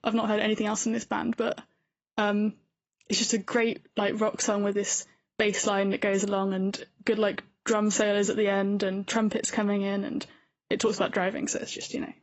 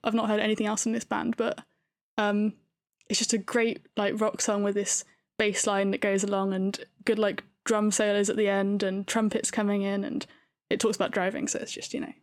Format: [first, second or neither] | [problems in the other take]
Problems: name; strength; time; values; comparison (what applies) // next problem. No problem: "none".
second | garbled, watery; badly; nothing above 8 kHz